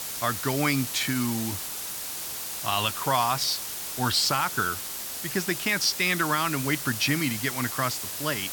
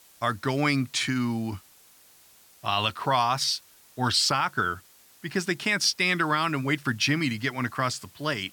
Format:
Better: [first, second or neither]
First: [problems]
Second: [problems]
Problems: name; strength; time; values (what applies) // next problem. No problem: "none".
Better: second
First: hiss; loud; throughout; 5 dB below the speech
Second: hiss; faint; throughout; 25 dB below the speech